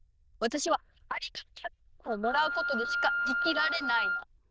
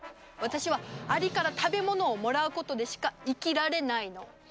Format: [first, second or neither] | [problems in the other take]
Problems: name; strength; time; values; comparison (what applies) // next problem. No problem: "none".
second | noise reduction (neural diffusion model UNIVERSE++)